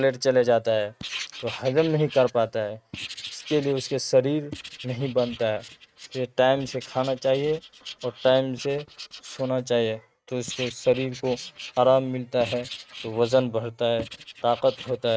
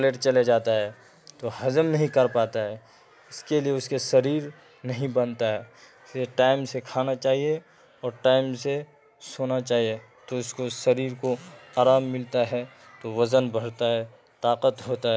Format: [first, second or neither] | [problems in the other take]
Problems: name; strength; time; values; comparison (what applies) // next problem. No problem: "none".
second | noise reduction (neural mask model RNNoise)